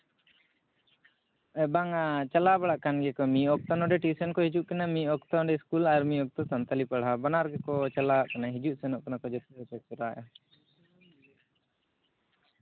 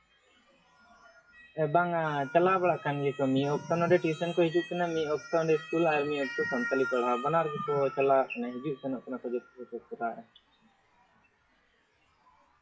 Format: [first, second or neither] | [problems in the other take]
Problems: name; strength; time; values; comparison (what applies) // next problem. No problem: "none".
first | noise reduction (classical method WPE with log-MMSE)